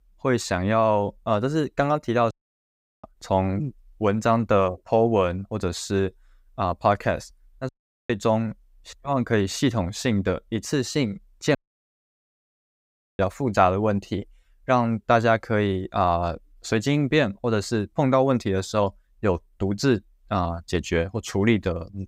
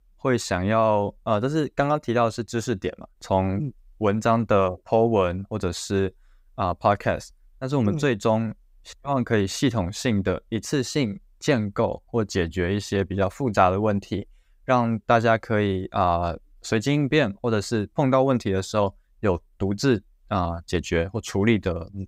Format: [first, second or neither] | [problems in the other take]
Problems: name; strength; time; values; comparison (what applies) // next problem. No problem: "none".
second | audio cutting out; at 2.5 s for 0.5 s, at 7.5 s and at 12 s for 1.5 s